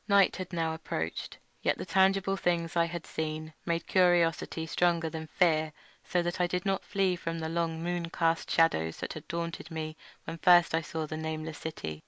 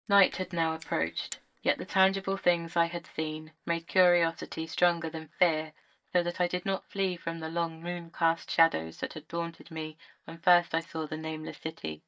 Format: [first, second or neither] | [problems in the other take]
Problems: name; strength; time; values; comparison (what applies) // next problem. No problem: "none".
first | noise reduction (neural mask model DeepFilterNet 3)